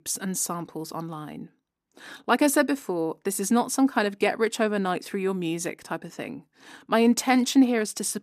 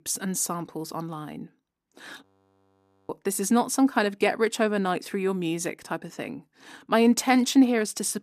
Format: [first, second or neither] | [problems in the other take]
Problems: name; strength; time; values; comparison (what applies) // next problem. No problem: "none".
first | audio freezing; at 2.5 s for 1 s